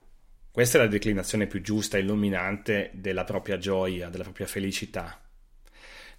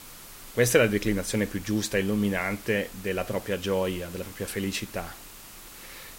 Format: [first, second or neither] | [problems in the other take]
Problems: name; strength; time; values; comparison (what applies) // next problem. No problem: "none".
first | hiss; noticeable; throughout; 15 dB below the speech